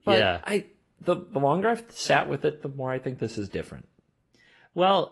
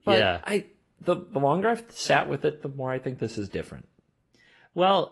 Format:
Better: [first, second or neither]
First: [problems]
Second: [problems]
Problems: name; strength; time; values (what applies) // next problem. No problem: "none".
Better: neither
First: garbled, watery; slightly; nothing above 11.5 kHz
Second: garbled, watery; slightly; nothing above 11.5 kHz